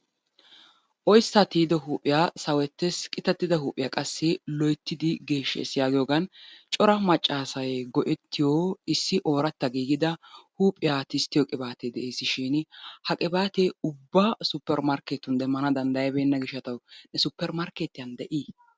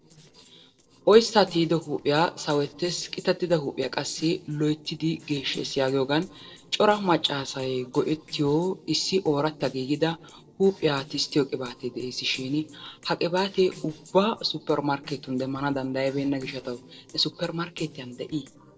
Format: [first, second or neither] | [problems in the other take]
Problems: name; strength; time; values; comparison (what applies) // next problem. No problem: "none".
first | noise reduction (neural separator model SepFormer DNS4)